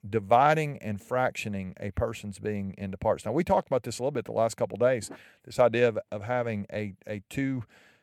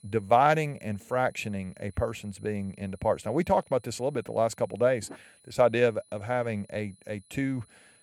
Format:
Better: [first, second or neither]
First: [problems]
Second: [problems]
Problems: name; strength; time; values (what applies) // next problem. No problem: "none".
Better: first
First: none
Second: high-pitched whine; faint; throughout; 10 kHz, 30 dB below the speech